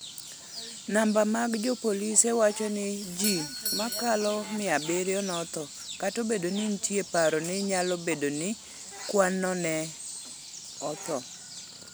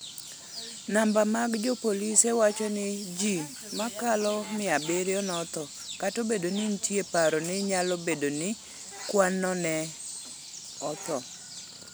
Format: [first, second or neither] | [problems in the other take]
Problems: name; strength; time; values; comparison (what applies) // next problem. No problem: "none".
second | background sound (Doorbell); 15 dB below the speech